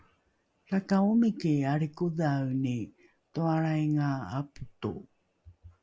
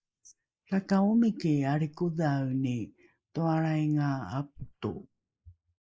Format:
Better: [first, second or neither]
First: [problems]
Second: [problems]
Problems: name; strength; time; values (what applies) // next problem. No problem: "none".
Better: first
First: none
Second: noise reduction (neural mask model Resemble Enhance denoiser)